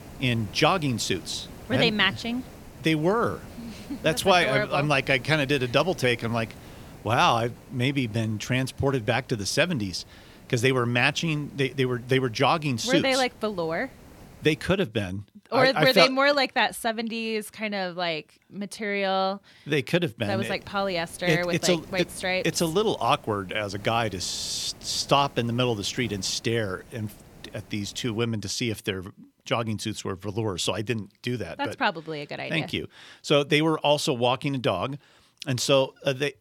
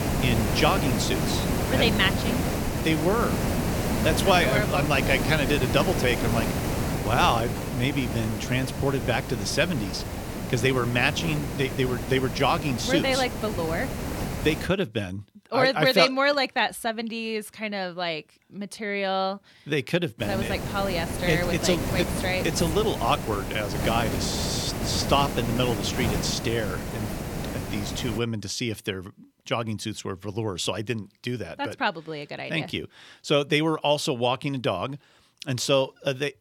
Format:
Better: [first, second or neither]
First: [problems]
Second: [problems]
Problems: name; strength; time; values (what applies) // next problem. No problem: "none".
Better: first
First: hiss; faint; until 15 s and from 20 to 28 s; 20 dB below the speech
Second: hiss; loud; until 15 s and from 20 to 28 s; 3 dB below the speech